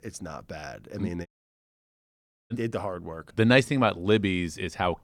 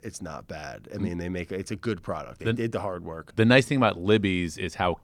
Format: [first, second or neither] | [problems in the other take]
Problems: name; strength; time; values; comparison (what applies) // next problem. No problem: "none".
second | audio cutting out; at 1.5 s for 1 s